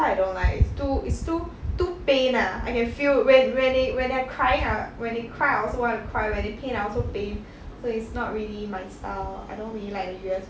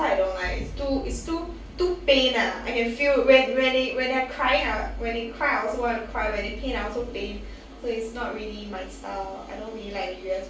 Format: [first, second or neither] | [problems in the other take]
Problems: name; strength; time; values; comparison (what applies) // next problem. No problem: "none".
first | room echo; dies away in 0.3 s